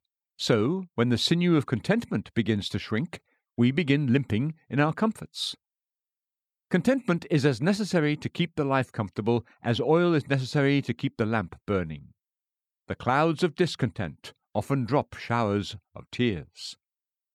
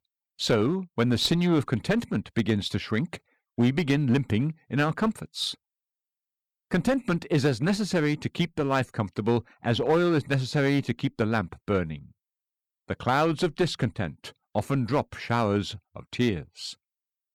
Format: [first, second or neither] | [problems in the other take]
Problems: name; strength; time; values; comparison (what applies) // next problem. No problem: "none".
first | distortion; slight; 5% of the sound clipped